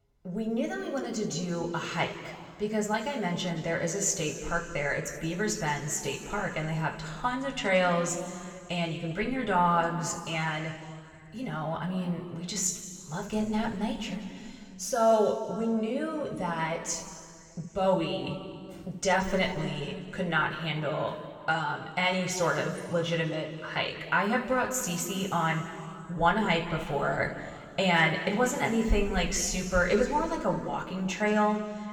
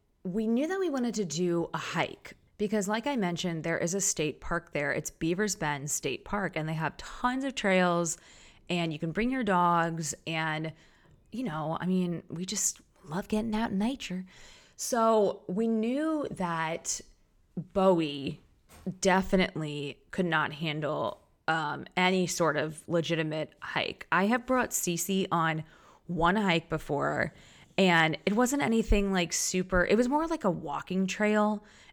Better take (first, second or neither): second